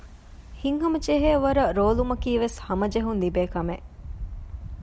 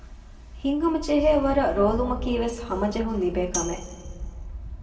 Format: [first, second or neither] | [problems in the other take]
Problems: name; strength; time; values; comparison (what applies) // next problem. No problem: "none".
first | background sound (Tambourine); 12 dB below the speech // room echo; dies away in 1.5 s